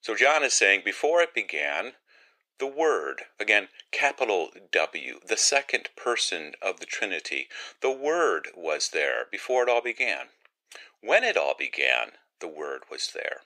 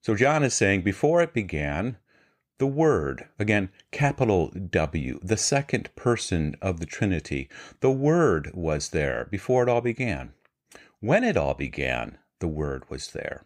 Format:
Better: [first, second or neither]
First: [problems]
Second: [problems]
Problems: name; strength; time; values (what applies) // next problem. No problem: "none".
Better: second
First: thin; very; fading below 450 Hz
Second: none